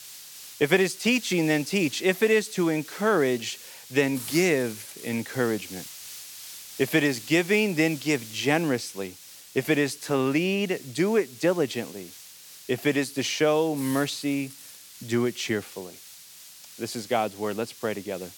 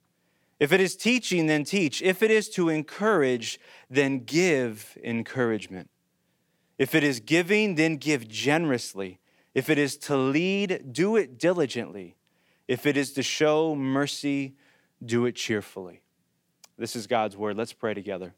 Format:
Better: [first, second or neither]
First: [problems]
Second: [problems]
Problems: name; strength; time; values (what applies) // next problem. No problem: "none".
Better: second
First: hiss; noticeable; throughout; 15 dB below the speech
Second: none